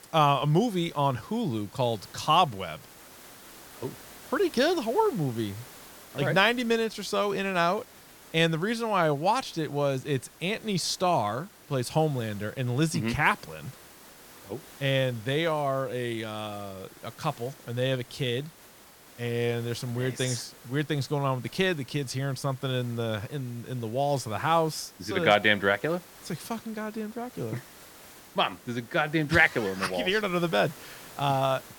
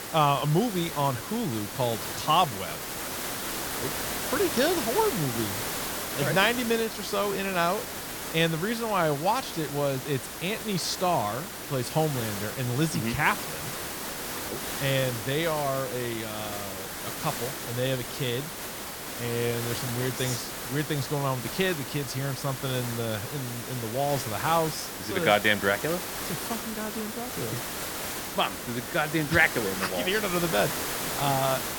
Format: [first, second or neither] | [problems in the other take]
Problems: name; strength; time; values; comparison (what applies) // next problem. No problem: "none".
first | hiss; loud; throughout; 5 dB below the speech; faint in the first